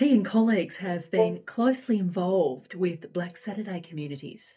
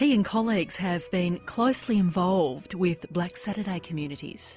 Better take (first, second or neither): second